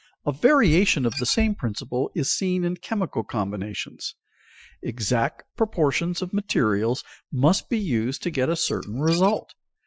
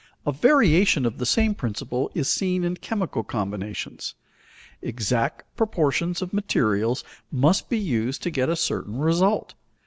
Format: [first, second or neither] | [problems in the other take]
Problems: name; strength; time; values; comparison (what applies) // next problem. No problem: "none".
second | noise reduction (classical method Wiener filter)